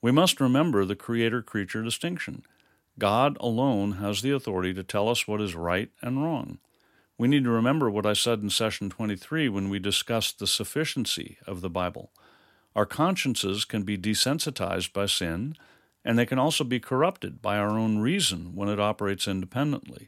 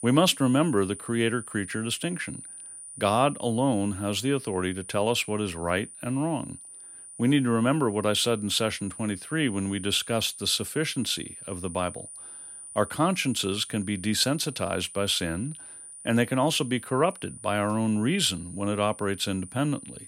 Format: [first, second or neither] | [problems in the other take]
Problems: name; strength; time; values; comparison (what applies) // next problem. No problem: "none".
first | high-pitched whine; noticeable; throughout; 9.5 kHz, 15 dB below the speech